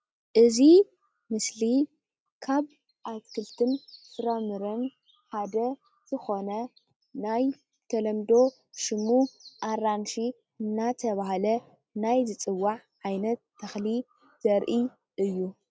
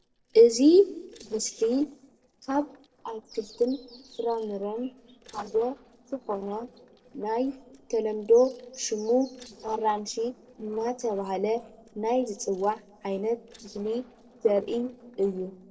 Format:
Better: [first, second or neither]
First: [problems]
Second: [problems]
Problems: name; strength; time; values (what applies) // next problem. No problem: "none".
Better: first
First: none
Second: noise reduction (neural separator model SepFormer DNS4)